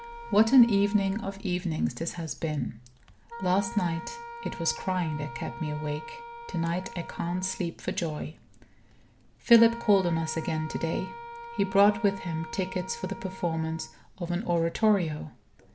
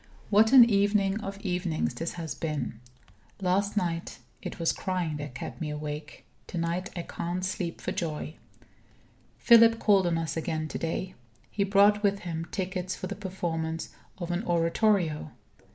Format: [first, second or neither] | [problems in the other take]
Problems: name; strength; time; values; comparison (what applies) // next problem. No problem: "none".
second | background sound (Wind instrument, woodwind instrument); 15 dB below the speech